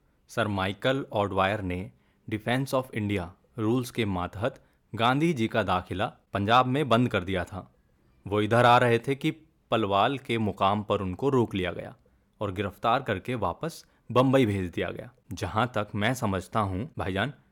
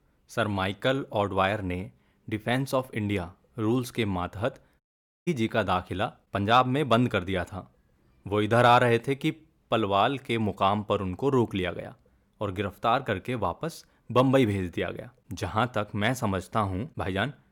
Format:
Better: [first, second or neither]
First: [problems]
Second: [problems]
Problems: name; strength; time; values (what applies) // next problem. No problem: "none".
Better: first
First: none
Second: audio cutting out; at 5 s